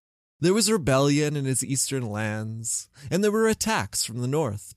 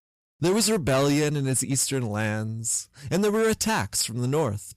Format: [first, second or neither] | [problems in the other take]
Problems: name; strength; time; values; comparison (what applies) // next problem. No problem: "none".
first | distortion; slight; 10% of the sound clipped